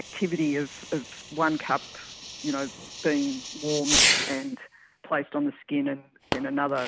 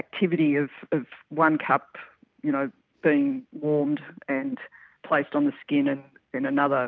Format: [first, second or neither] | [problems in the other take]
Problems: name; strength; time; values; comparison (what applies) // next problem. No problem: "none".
second | background sound (Fireworks); 2 dB below the speech